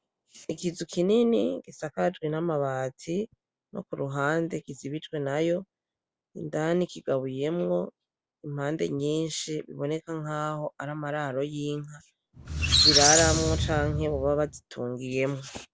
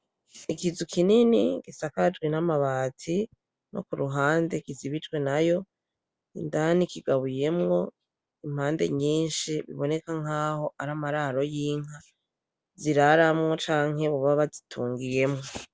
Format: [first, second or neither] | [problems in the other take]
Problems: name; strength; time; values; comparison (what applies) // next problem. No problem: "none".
second | background sound (Squeak); 4 dB above the speech